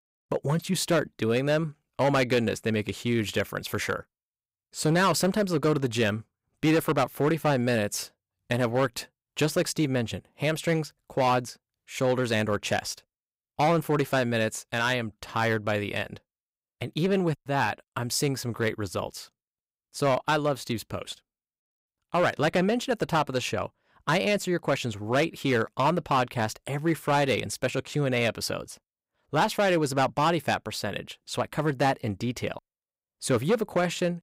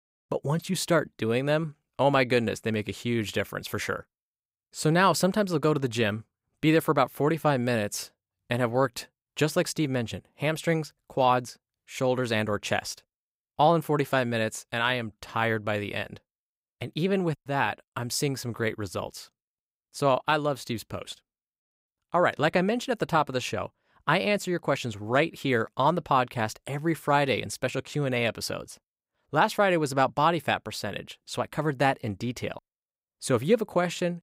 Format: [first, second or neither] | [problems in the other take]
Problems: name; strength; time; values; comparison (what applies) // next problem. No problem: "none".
second | distortion; slight; 4% of the sound clipped